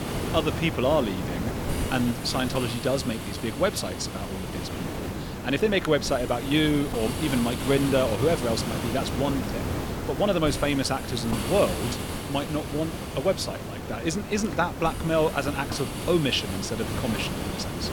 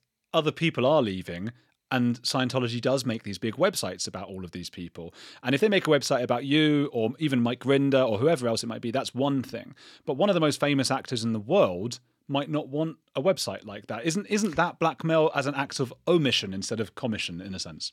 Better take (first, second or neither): second